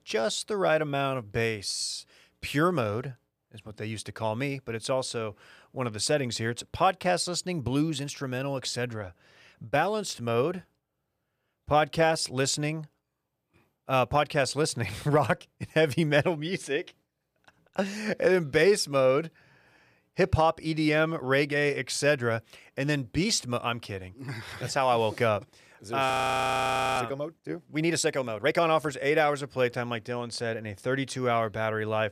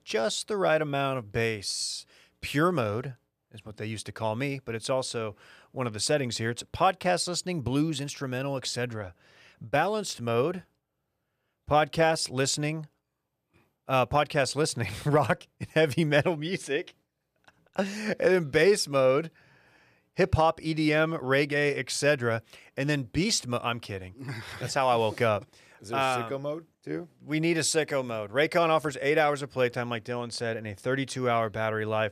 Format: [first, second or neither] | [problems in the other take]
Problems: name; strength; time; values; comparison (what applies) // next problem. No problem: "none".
second | audio freezing; at 26 s for 1 s